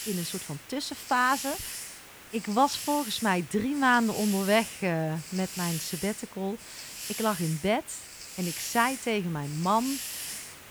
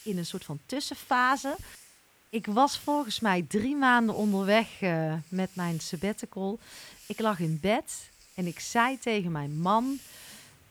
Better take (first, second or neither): second